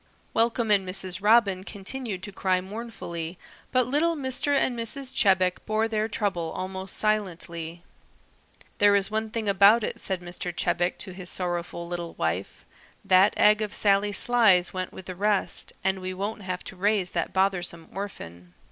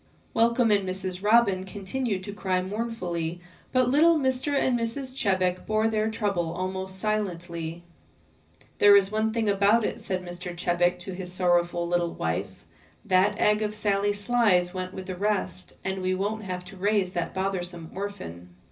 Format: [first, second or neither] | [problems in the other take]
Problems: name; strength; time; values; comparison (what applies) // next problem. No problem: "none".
first | room echo; dies away in 0.4 s